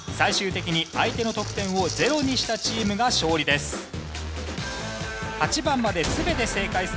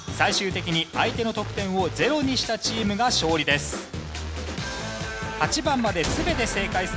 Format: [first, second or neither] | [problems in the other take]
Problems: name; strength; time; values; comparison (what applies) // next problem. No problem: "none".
second | background sound (Rattle (instrument)); 13 dB below the speech